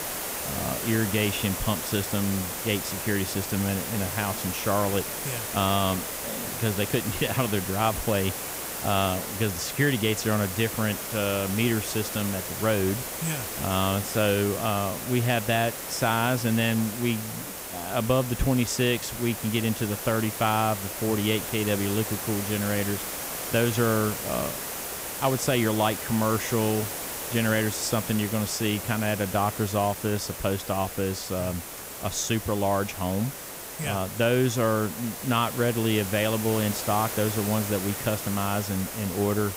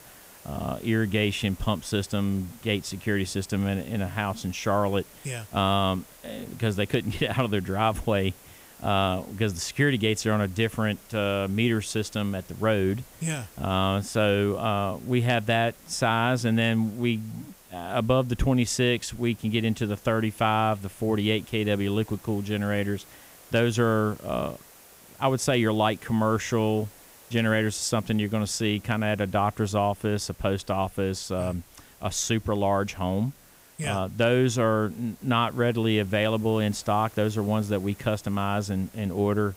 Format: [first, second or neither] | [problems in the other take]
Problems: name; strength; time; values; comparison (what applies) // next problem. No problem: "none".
second | hiss; loud; throughout; 5 dB below the speech; faint in the second